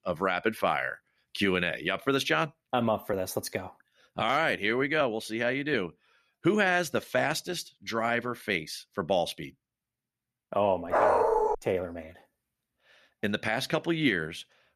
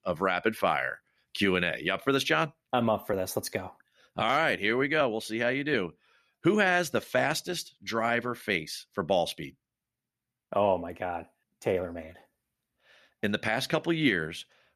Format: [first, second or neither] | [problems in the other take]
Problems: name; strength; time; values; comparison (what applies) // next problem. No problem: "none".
second | dog barking; loud; at 11 s; peak 5 dB above the speech